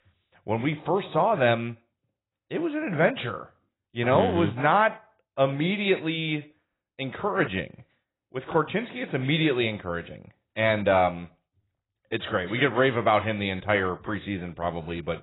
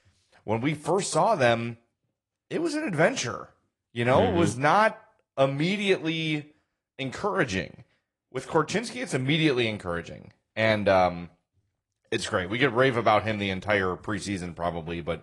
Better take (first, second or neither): second